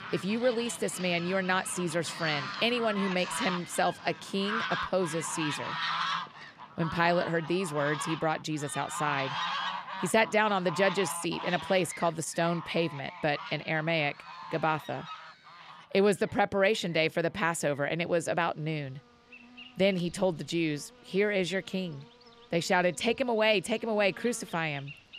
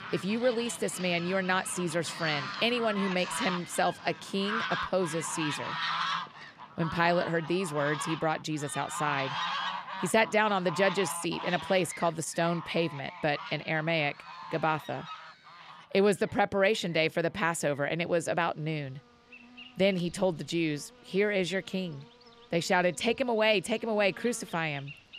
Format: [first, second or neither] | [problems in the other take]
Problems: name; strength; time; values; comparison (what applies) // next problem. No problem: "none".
neither | animal sounds; loud; throughout; 8 dB below the speech; the same in both